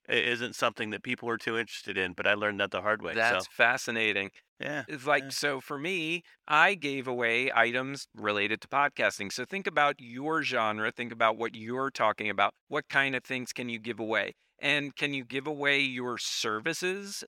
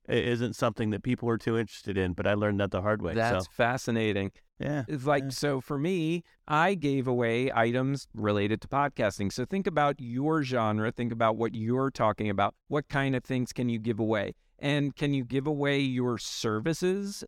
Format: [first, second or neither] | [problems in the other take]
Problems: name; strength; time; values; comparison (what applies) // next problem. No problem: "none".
second | thin; somewhat; fading below 750 Hz